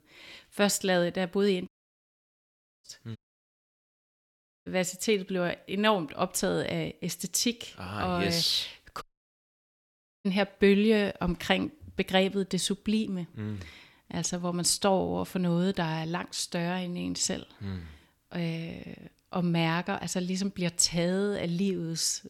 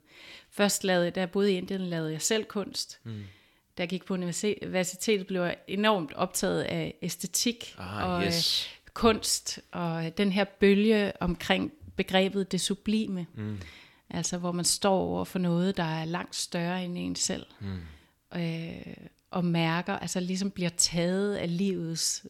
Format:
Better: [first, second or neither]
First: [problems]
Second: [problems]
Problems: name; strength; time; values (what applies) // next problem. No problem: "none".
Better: second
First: audio cutting out; at 1.5 s for 1 s, at 3 s for 1.5 s and at 9 s for 1 s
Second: none